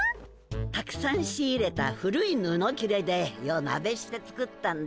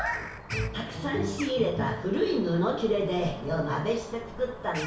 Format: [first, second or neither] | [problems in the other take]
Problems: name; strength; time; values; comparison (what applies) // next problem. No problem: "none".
first | background sound (Bird vocalization, bird call, bird song); 13 dB below the speech // room echo; dies away in 0.6 s